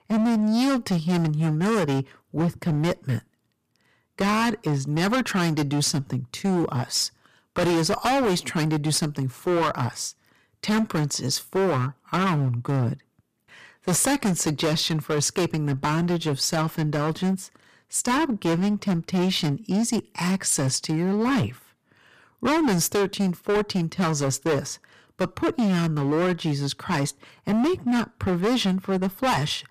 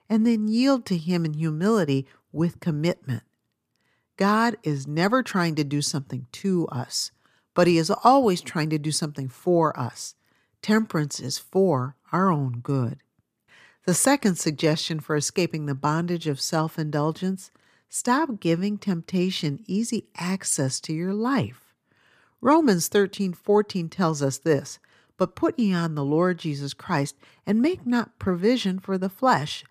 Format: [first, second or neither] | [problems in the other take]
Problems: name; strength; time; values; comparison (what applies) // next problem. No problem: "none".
second | distortion; heavy; 20% of the sound clipped